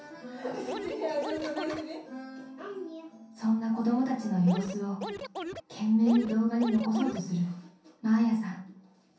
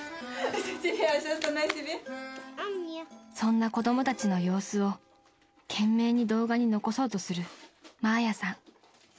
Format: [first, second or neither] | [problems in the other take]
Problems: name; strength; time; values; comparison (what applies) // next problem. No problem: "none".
second | background sound (Scratching (performance technique)); 9 dB below the speech // room echo; dies away in 0.6 s